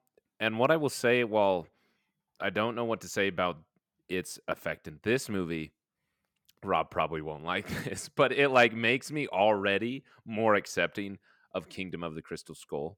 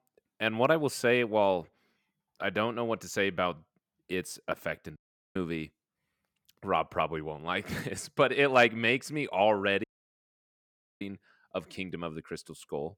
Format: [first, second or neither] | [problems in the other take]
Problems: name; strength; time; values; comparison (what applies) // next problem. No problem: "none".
first | audio cutting out; at 5 s and at 10 s for 1 s